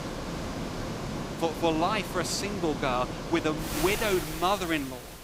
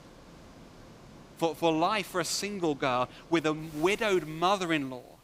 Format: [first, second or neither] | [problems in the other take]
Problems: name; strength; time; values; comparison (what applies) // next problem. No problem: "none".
second | rain or running water; loud; throughout; 6 dB below the speech; faint in the second